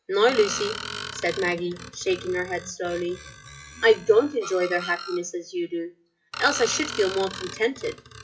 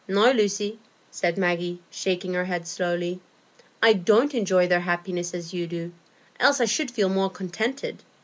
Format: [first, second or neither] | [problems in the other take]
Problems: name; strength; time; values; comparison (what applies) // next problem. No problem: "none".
second | noise reduction (classical method WPE with log-MMSE)